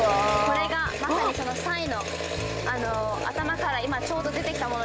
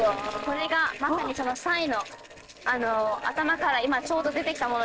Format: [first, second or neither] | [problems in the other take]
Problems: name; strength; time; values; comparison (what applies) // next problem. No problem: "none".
first | noise reduction (neural separator model SepFormer DNS4)